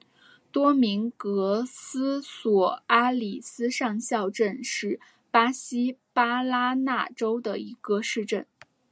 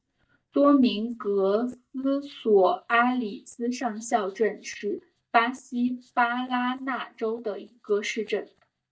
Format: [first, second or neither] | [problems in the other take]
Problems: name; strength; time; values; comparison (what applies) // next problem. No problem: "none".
first | noise reduction (neural mask model DeepFilterNet 3)